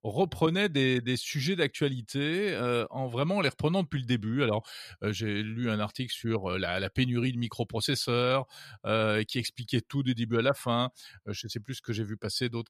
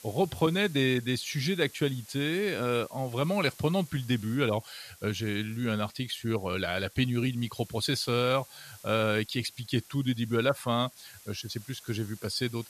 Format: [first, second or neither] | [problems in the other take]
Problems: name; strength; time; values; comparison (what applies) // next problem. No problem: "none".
first | hiss; faint; throughout; 20 dB below the speech